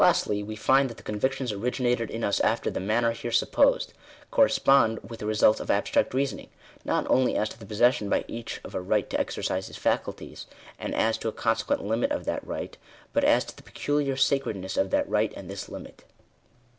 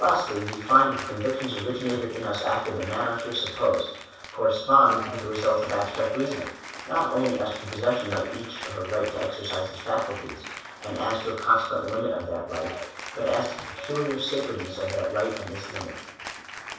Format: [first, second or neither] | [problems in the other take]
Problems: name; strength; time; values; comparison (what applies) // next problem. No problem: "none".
first | background sound (Applause / Cheering); 12 dB below the speech // room echo; dies away in 0.7 s